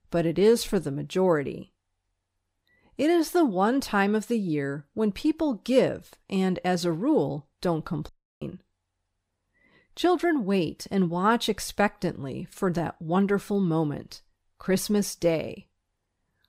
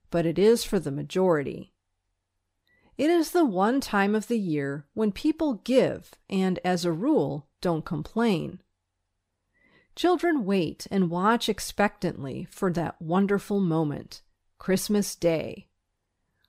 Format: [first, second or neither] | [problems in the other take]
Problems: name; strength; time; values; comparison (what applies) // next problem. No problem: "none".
second | audio cutting out; at 8 s